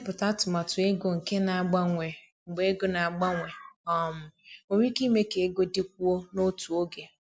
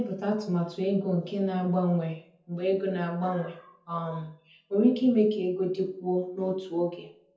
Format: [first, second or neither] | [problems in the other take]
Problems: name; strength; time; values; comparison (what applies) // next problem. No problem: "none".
first | room echo; dies away in 0.5 s